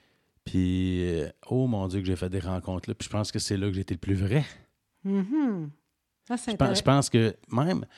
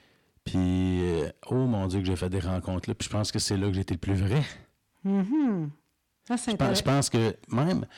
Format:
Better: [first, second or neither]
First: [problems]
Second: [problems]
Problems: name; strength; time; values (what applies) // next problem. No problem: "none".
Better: first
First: none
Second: distortion; slight; 10 dB below the speech